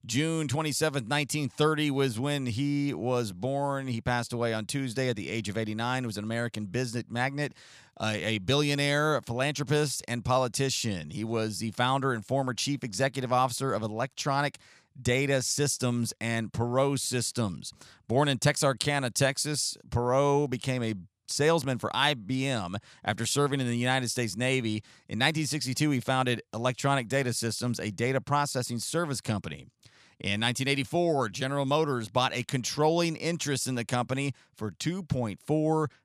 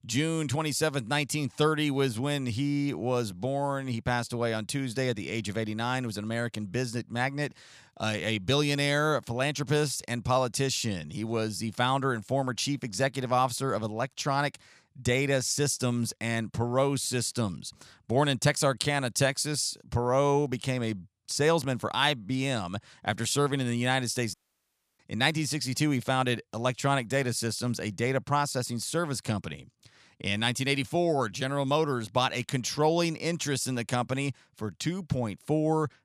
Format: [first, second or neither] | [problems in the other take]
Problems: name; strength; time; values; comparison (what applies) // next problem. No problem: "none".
first | audio cutting out; at 24 s for 0.5 s